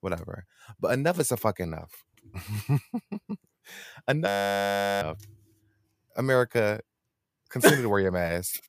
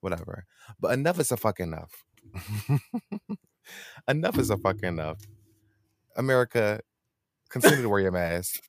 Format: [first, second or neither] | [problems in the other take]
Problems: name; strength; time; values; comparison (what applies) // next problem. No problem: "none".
second | audio freezing; at 4.5 s for 0.5 s